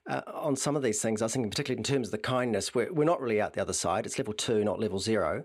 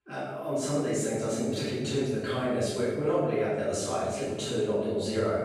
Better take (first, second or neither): first